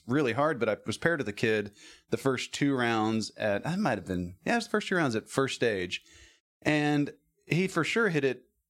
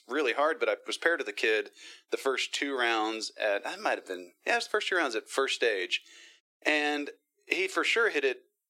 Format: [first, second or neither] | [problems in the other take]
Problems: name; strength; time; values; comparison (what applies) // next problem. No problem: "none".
first | thin; somewhat; fading below 350 Hz